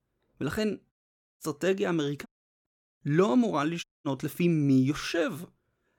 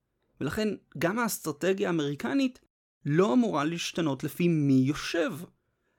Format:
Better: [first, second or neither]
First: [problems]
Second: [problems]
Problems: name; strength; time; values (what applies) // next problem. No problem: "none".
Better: second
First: audio cutting out; at 1 s, at 2.5 s and at 4 s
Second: none